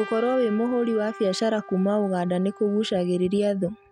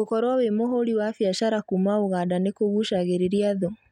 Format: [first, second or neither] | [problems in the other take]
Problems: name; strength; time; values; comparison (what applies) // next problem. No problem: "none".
second | background sound (Trumpet); 18 dB below the speech